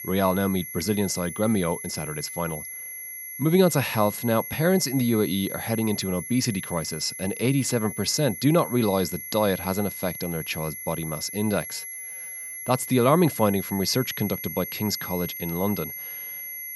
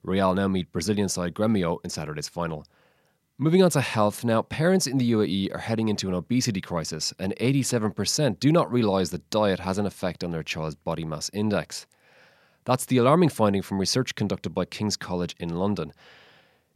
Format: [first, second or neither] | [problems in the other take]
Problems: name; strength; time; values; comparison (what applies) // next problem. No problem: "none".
second | high-pitched whine; loud; throughout; 11.5 kHz, 8 dB below the speech